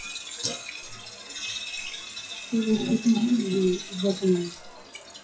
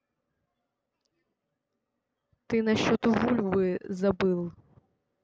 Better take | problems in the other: second | noise reduction (classical method WPE with log-MMSE)

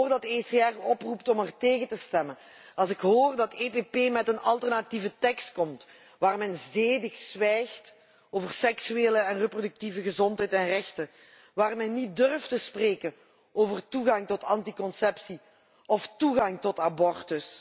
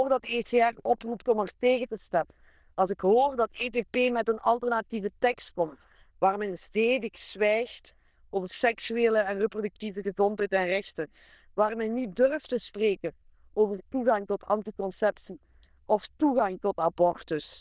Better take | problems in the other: first | noise reduction (neural diffusion model UNIVERSE++)

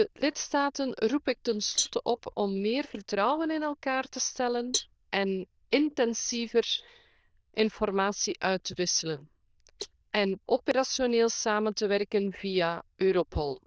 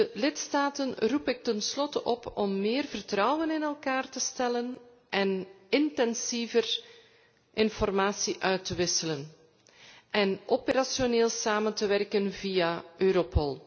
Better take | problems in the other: second | noise reduction (neural diffusion model UNIVERSE++)

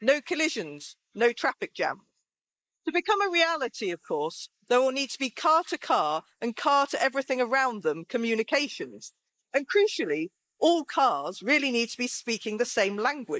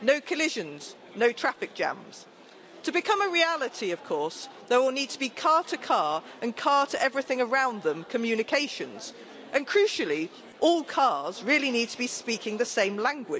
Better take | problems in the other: second | noise reduction (neural mask model Resemble Enhance denoiser)

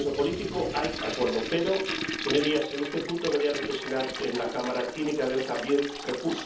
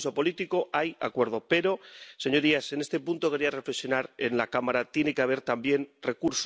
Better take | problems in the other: second | background sound (Toilet flush); 7 dB below the speech // room echo; dies away in 0.7 s

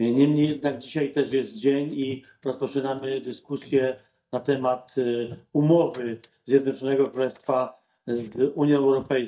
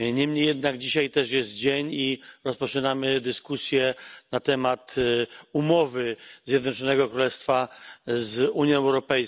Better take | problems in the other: second | noise reduction (neural mask model DeepFilterNet 3)

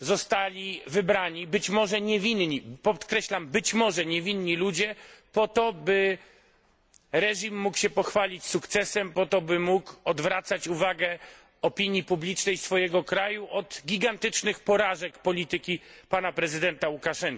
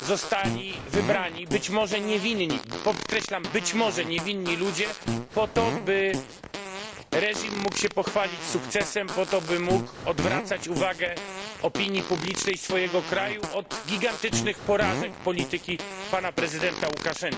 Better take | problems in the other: first | background sound (Fart); 6 dB below the speech

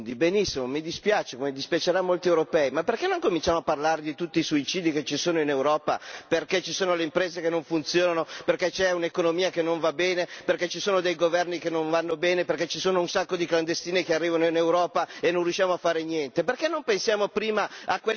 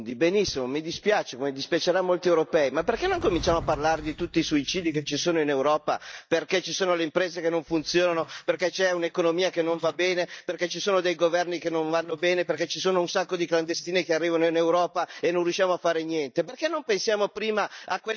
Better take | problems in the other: first | noise reduction (neural mask model DeepFilterNet 3)

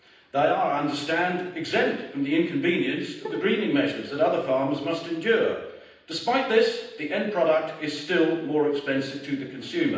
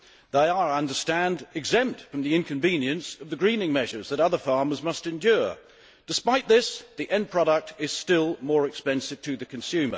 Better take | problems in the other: second | background sound (Bowed string instrument); 13 dB below the speech // room echo; dies away in 0.9 s

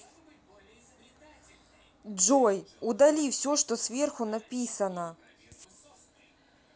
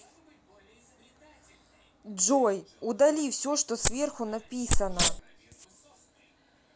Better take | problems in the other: first | background sound (Wild animals); 3 dB above the speech

